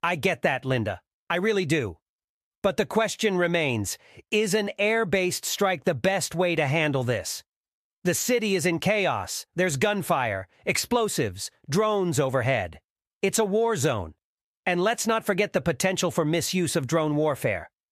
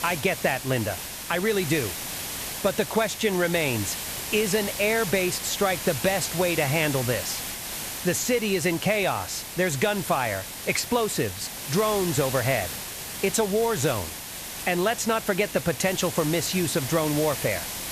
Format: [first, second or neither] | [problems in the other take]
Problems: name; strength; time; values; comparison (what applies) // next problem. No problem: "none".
first | hiss; loud; throughout; 6 dB below the speech